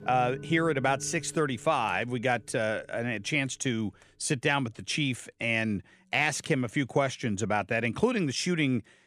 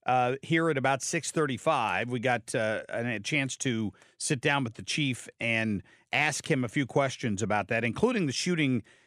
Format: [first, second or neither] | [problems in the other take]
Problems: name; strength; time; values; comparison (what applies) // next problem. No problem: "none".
second | background music; noticeable; throughout; 15 dB below the speech